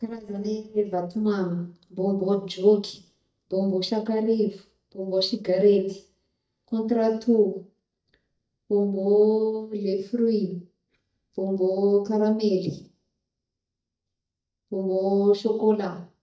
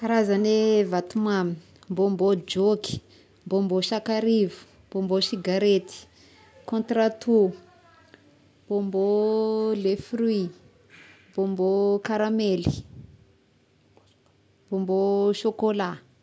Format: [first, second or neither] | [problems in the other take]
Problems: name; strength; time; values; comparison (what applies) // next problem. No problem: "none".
second | noise reduction (neural mask model DeepFilterNet 3)